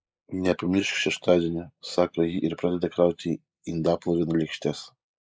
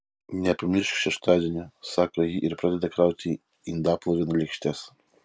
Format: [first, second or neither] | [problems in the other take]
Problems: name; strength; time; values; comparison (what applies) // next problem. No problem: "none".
second | noise reduction (neural mask model Resemble Enhance denoiser)